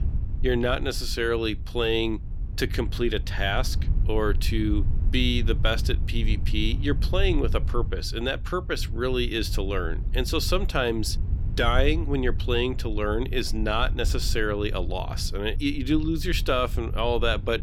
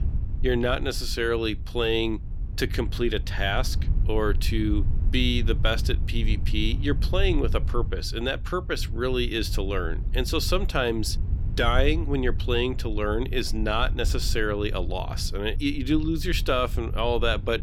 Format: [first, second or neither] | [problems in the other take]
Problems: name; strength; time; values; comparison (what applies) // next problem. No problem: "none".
neither | low rumble; noticeable; throughout; 20 dB below the speech; the same in both